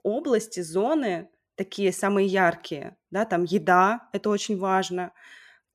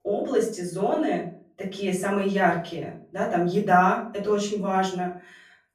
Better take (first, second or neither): first